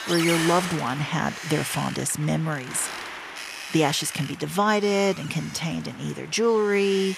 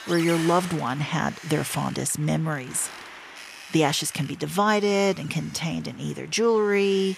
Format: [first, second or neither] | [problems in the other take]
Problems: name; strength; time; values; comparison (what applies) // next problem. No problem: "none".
second | wind noise on the microphone; heavy; 7 dB below the speech; occasional gusts in the second